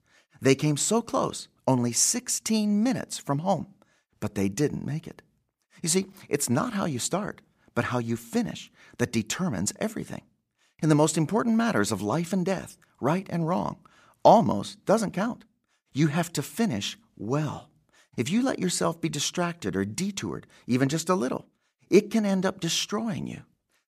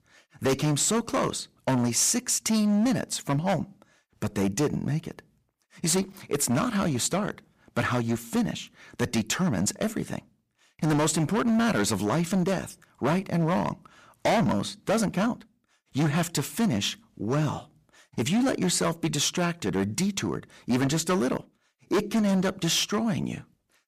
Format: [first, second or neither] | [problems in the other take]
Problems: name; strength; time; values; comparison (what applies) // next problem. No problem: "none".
first | distortion; heavy; 11% of the sound clipped